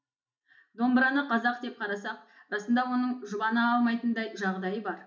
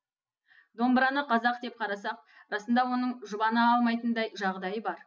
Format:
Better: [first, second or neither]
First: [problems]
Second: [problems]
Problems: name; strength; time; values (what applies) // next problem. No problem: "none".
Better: second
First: room echo; dies away in 0.4 s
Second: none